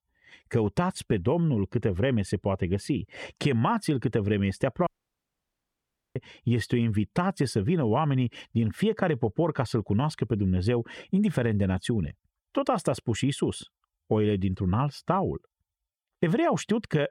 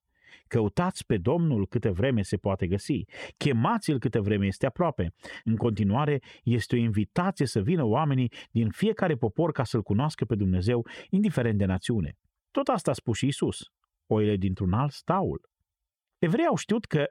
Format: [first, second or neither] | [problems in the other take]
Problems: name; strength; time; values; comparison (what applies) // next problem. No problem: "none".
second | audio cutting out; at 5 s for 1.5 s